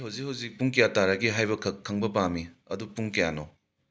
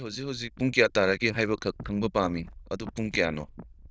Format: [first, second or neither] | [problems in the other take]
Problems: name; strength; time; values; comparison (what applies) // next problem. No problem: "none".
first | noise reduction (neural diffusion model UNIVERSE++)